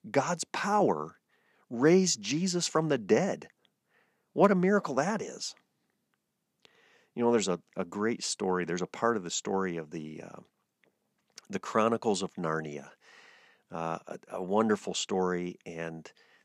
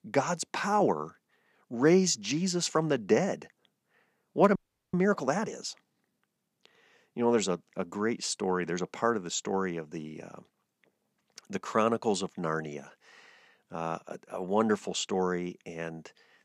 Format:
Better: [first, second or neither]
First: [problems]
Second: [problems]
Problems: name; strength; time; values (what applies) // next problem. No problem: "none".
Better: first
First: none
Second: audio freezing; at 4.5 s